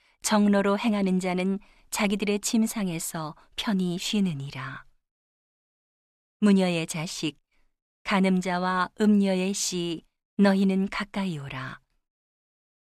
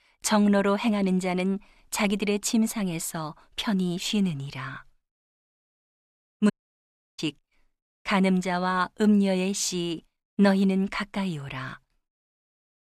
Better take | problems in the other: first | audio cutting out; at 6.5 s for 0.5 s

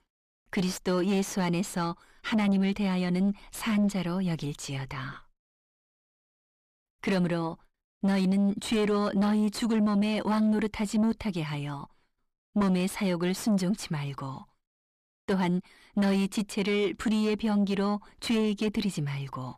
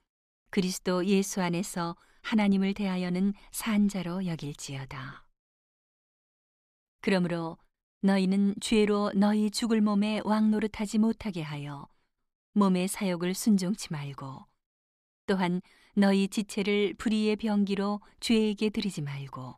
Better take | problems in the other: second | distortion; slight; 10 dB below the speech

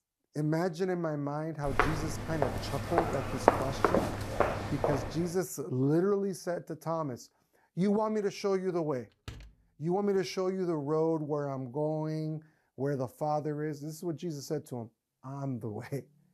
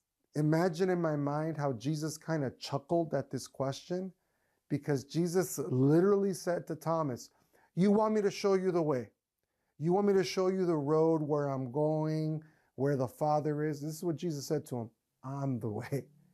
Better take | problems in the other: second | footsteps; loud; from 1.5 to 5 s; peak 7 dB above the speech // door banging; faint; at 9.5 s; peak 15 dB below the speech

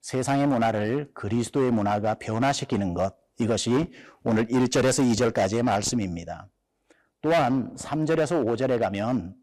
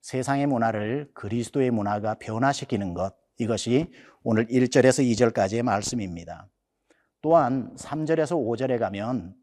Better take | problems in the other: second | distortion; heavy; 9% of the sound clipped

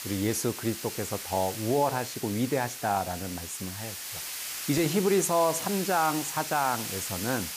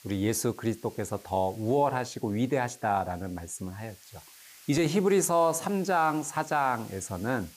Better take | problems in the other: second | hiss; loud; throughout; 6 dB below the speech; faint in the second

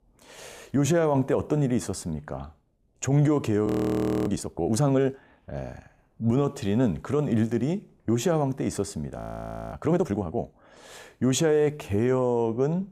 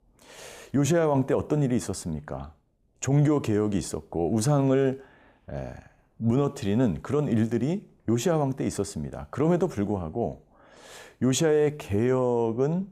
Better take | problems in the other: second | audio freezing; at 3.5 s for 0.5 s and at 9 s for 0.5 s

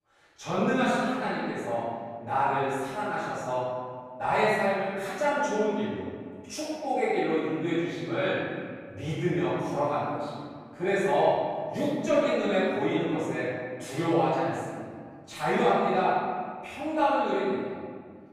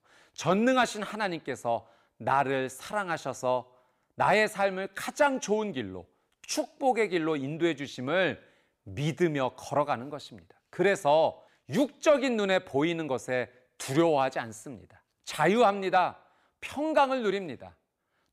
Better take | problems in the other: second | off-mic speech; far // room echo; strong; dies away in 1.8 s

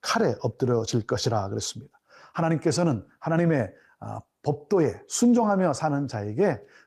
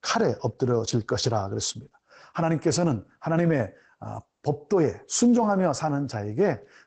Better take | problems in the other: first | garbled, watery; badly; nothing above 8 kHz; slightly in the first

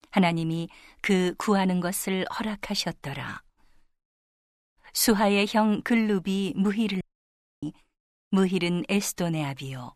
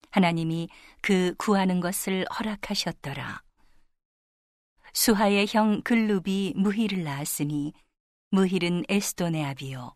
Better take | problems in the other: second | audio cutting out; at 7 s for 0.5 s

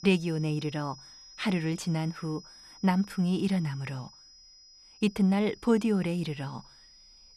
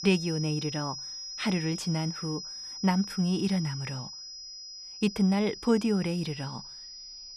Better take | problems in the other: first | high-pitched whine; loud; throughout; 5 kHz, 9 dB below the speech; faint in the first

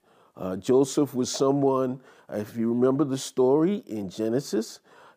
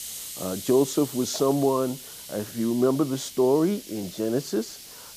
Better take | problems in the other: first | hiss; noticeable; throughout; 15 dB below the speech

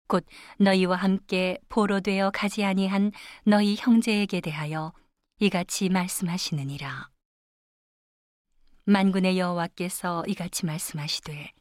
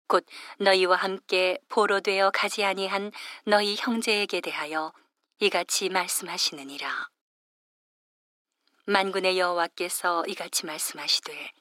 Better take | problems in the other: first | thin; very; fading below 300 Hz

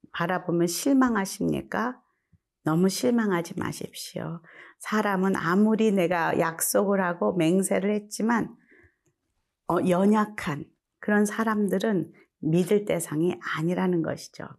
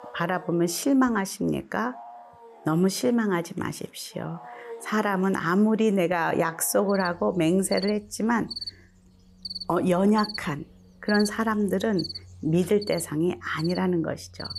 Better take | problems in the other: first | animal sounds; noticeable; throughout; 15 dB below the speech

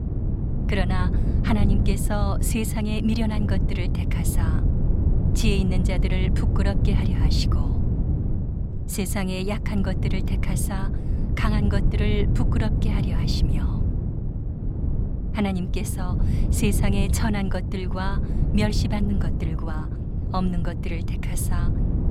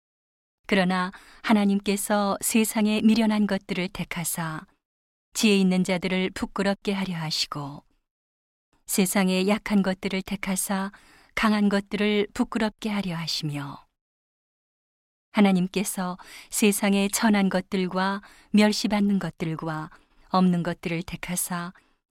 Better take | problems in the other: second | wind noise on the microphone; heavy; 5 dB below the speech

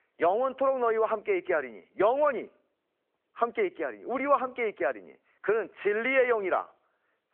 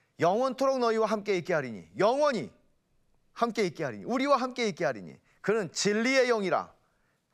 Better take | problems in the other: second | phone-call audio

